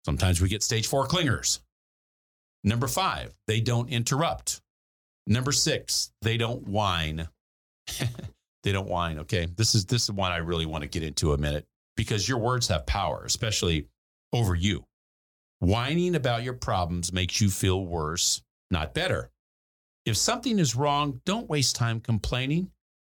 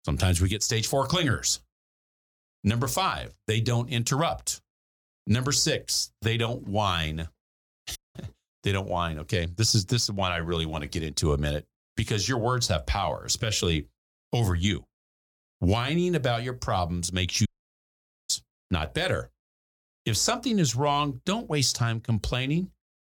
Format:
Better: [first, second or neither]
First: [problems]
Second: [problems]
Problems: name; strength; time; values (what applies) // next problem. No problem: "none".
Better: first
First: none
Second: audio cutting out; at 8 s and at 17 s for 1 s